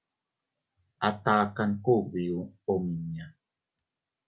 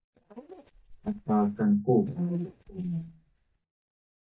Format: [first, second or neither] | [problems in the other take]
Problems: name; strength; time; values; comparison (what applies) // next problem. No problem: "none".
first | noise reduction (neural mask model DeepFilterNet 3)